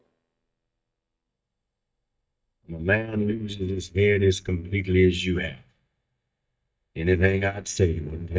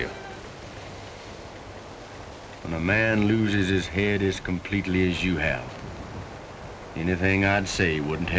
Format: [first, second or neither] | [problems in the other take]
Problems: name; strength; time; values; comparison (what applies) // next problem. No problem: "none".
second | noise reduction (neural mask model DeepFilterNet 3)